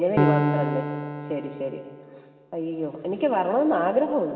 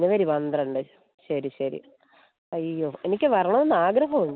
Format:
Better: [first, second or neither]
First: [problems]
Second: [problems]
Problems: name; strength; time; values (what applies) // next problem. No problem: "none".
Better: second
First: background sound (Piano); 2 dB below the speech // room echo; dies away in 2.8 s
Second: none